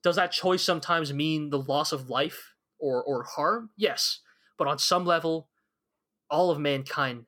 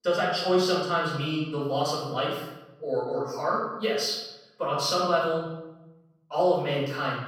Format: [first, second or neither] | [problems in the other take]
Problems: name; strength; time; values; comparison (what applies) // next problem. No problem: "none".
first | off-mic speech; far // room echo; noticeable; dies away in 0.9 s